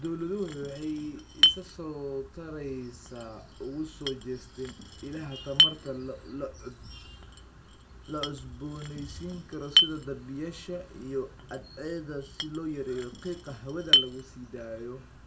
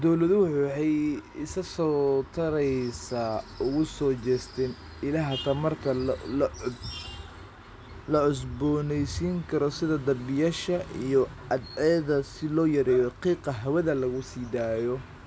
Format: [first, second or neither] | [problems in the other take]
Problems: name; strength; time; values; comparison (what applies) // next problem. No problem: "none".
second | background sound (Chink, clink); 5 dB above the speech // room echo; dies away in 0.2 s